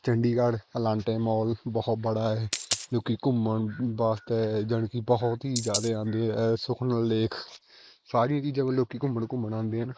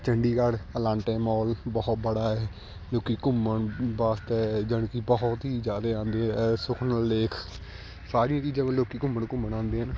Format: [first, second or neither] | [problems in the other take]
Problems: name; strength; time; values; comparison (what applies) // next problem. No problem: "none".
second | noise reduction (neural mask model Resemble Enhance denoiser)